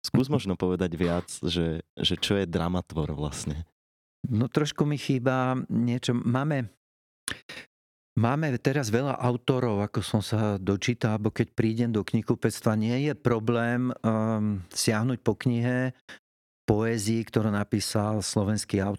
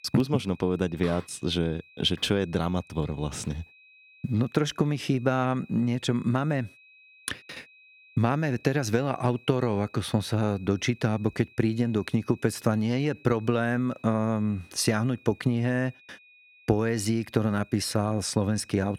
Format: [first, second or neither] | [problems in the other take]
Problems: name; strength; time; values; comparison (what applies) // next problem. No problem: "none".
first | high-pitched whine; faint; throughout; 2.5 kHz, 25 dB below the speech